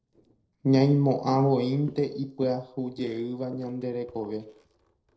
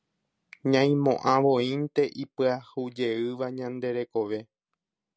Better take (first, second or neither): second